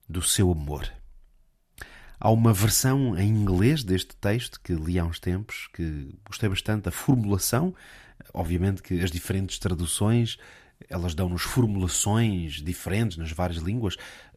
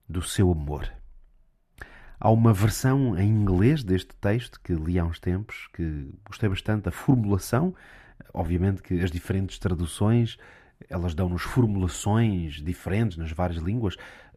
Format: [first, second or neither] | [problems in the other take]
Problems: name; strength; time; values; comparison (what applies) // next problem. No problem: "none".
first | muffled; slightly; fading above 3 kHz